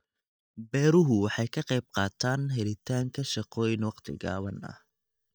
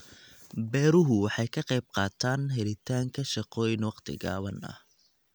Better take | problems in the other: second | noise reduction (neural mask model DeepFilterNet 3)

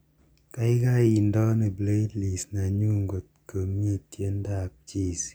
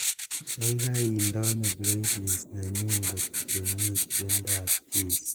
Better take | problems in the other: first | noise reduction (neural mask model Resemble Enhance denoiser)

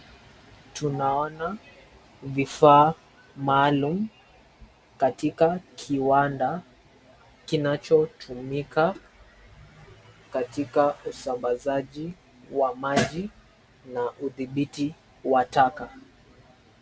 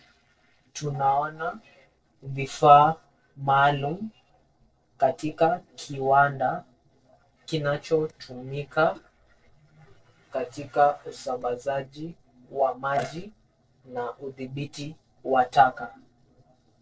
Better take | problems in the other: first | noise reduction (neural separator model SepFormer DNS4)

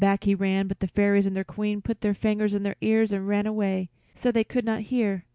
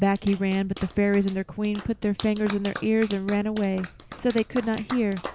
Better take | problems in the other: first | background sound (Clapping); 15 dB below the speech

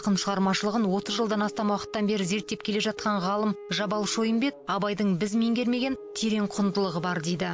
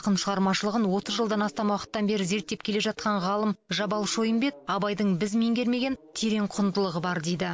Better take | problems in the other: second | background sound (Wind instrument, woodwind instrument); 17 dB below the speech

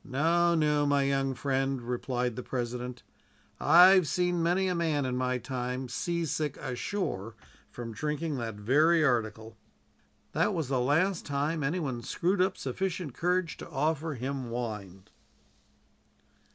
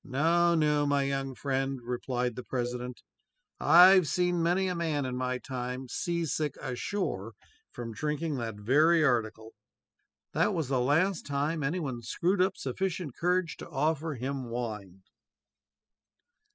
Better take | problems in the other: first | noise reduction (classical method spectral subtraction)

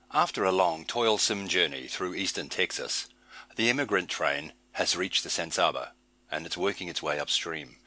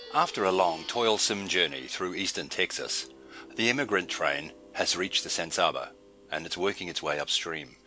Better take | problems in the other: first | background sound (Plucked string instrument); 20 dB below the speech

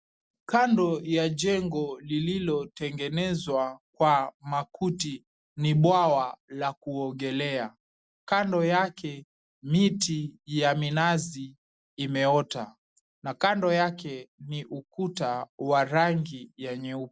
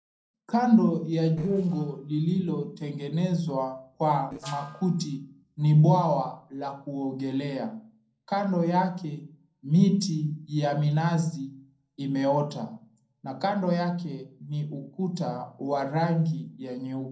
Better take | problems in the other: first | noise reduction (neural separator model SepFormer DNS4)

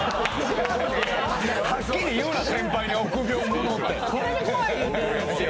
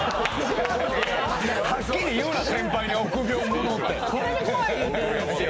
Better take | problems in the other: second | background sound (Wind instrument, woodwind instrument); 19 dB below the speech

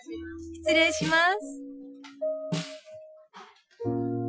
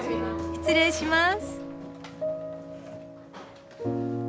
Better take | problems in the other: second | noise reduction (classical method Wiener filter)

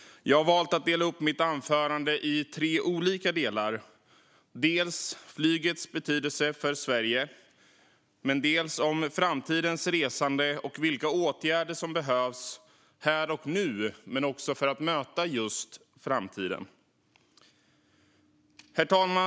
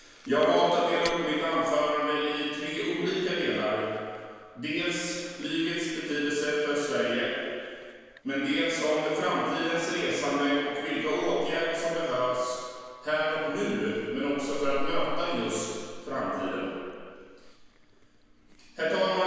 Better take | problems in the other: first | background sound (Chewing, mastication); 13 dB below the speech // room echo; dies away in 1.9 s

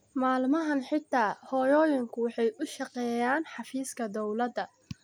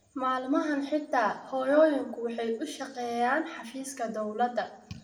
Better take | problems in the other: first | room echo; dies away in 0.5 s

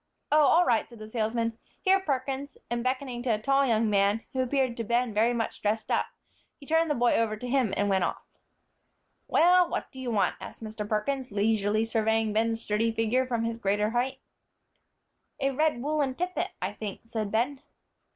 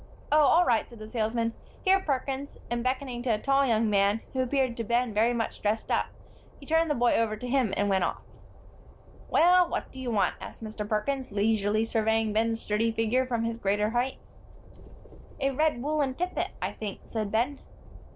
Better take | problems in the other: first | background sound (Train); 19 dB below the speech

